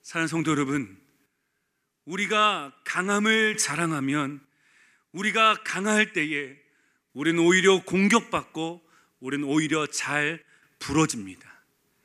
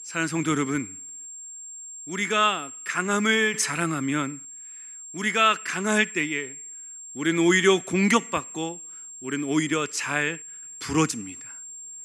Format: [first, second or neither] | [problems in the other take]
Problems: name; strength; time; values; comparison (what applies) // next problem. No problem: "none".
first | high-pitched whine; noticeable; throughout; 7.5 kHz, 15 dB below the speech